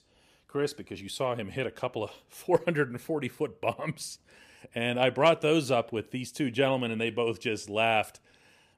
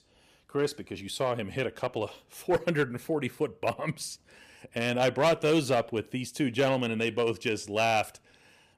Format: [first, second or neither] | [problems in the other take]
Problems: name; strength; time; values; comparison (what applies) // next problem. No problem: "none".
first | distortion; slight; 3% of the sound clipped